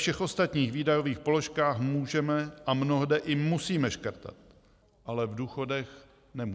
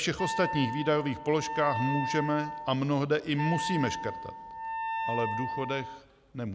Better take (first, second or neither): first